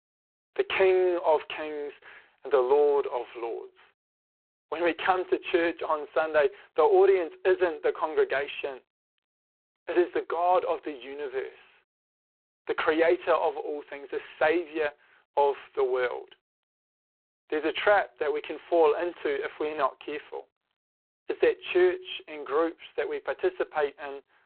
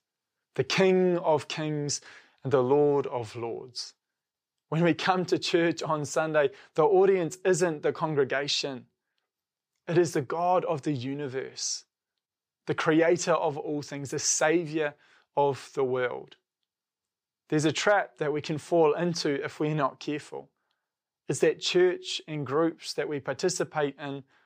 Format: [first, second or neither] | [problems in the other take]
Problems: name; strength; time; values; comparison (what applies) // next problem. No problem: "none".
second | phone-call audio; poor line; nothing above 3.5 kHz